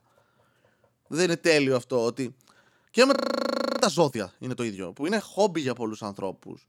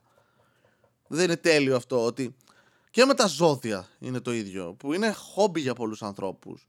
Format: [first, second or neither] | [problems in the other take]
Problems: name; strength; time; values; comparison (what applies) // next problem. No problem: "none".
second | audio freezing; at 3 s for 0.5 s